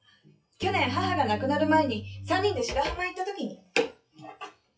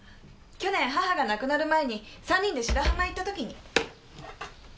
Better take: second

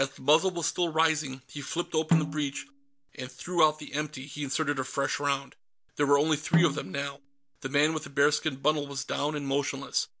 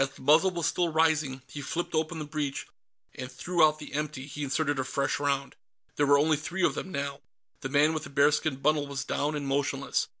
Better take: second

